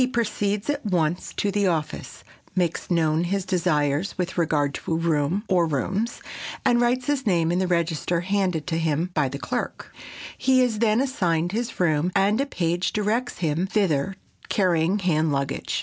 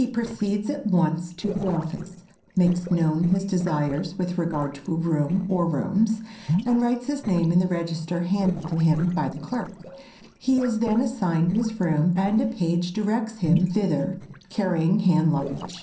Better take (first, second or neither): first